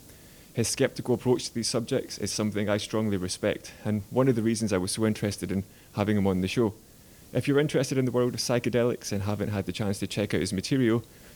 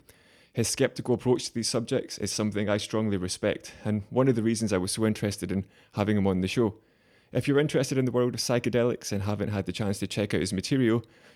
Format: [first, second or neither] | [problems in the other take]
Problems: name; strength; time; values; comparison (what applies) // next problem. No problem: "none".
second | hiss; faint; throughout; 25 dB below the speech